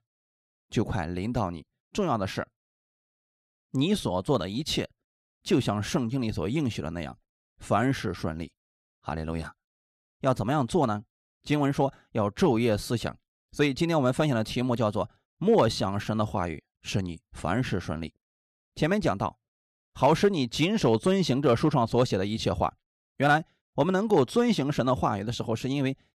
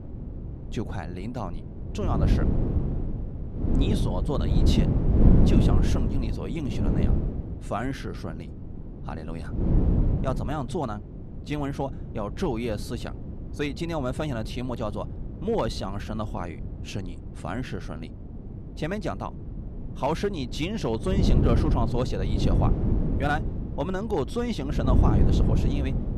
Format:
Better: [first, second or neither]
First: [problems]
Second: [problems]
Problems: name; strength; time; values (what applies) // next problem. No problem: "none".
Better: first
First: none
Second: wind noise on the microphone; heavy; 4 dB below the speech